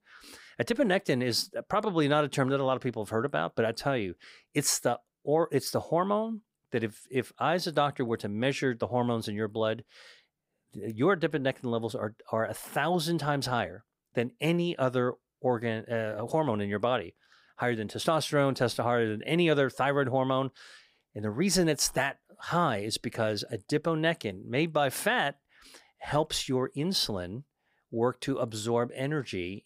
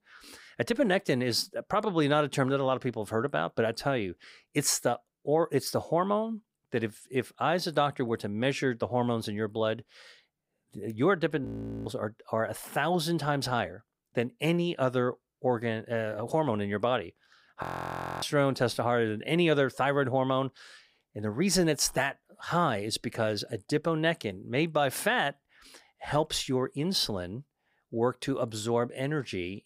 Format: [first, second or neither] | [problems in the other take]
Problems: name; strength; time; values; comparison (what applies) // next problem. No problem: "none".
first | audio freezing; at 11 s and at 18 s for 0.5 s